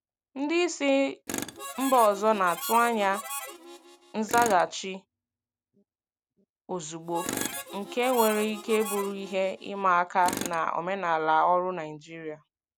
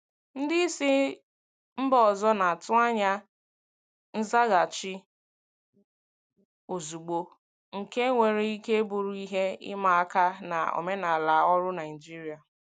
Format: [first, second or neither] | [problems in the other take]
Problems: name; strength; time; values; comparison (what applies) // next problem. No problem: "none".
second | background sound (Harmonica + Tools); 12 dB below the speech